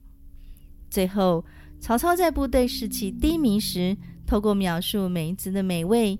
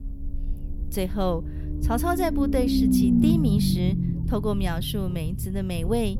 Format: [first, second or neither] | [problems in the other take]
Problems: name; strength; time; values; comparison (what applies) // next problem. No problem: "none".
first | low rumble; loud; throughout; as loud as the speech; faint in the first